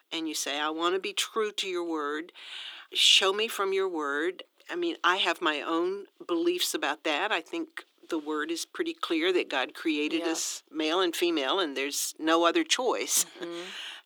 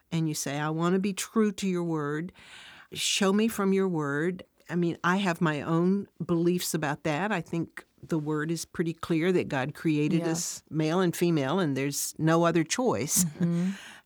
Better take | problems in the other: second | thin; very; fading below 300 Hz

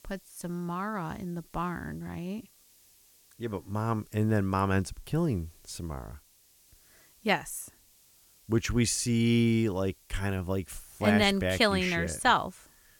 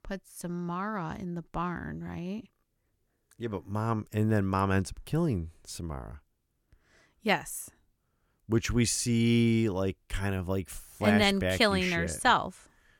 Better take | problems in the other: second | hiss; faint; throughout; 30 dB below the speech

